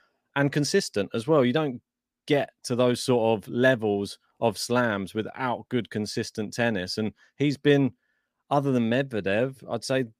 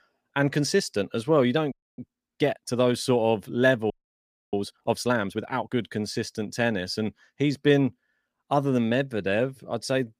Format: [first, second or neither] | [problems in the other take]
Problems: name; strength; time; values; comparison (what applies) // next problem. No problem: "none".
first | audio freezing; at 1.5 s and at 4 s for 0.5 s